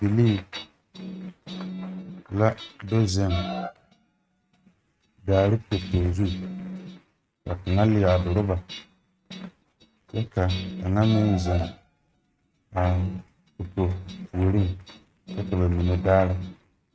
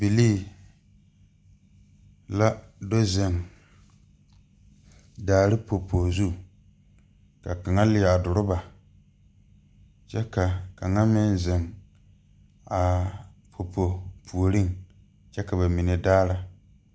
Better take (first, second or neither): second